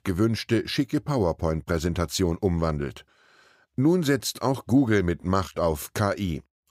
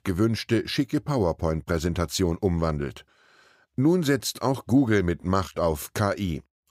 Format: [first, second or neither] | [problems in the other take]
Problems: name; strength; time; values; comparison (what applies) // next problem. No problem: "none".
neither | none